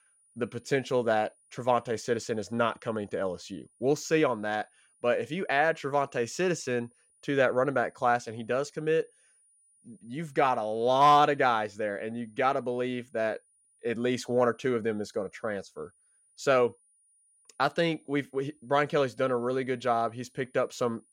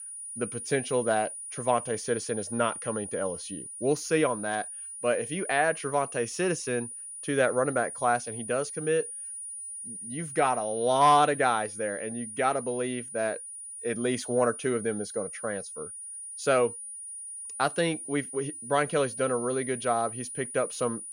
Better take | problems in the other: first | high-pitched whine; loud; throughout; 9.5 kHz, 8 dB below the speech; faint in the first

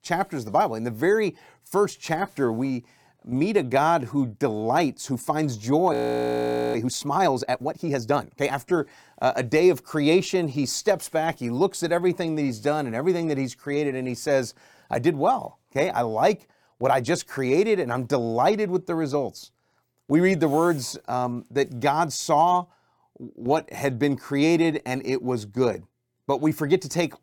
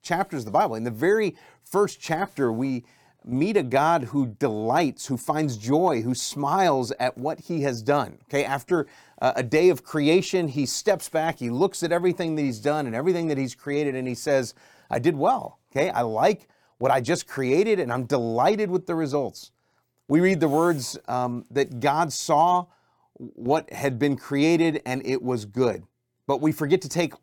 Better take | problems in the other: second | audio freezing; at 6 s for 1 s

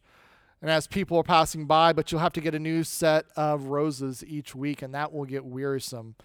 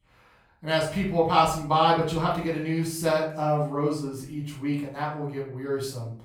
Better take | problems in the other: first | off-mic speech; far // room echo; noticeable; dies away in 0.4 s

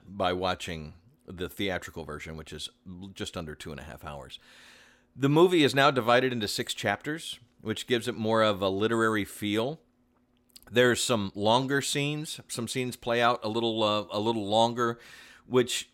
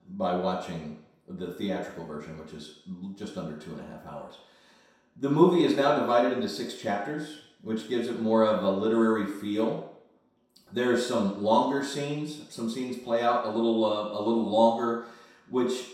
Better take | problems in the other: first | room echo; noticeable; dies away in 0.7 s // off-mic speech; far

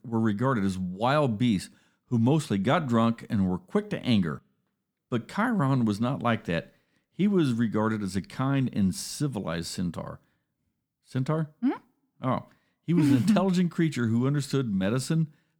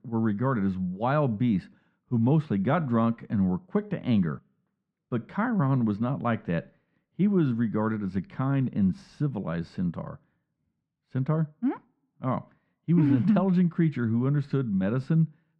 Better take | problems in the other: first | muffled; very; fading above 2 kHz

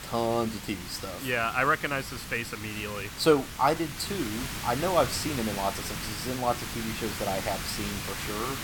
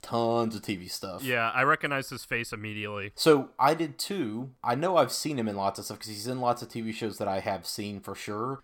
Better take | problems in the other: second | hiss; loud; throughout; 6 dB below the speech

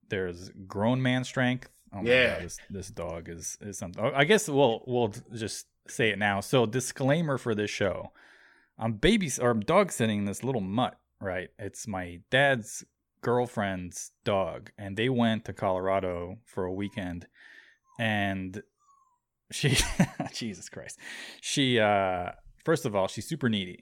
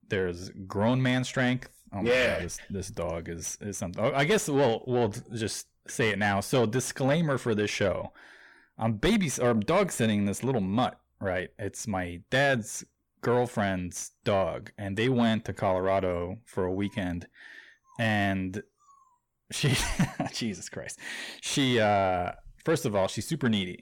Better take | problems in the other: first | distortion; slight; 10 dB below the speech

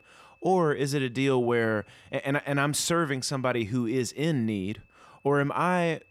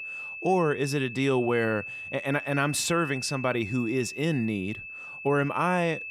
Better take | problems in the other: first | high-pitched whine; loud; throughout; 2.5 kHz, 10 dB below the speech; faint in the first

